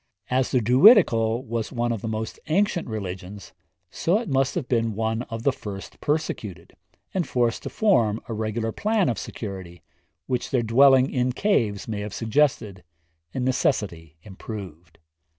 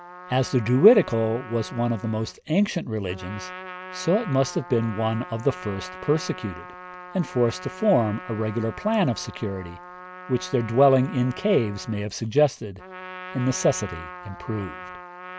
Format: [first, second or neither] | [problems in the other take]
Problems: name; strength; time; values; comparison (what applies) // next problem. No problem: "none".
first | background sound (Trumpet); 15 dB below the speech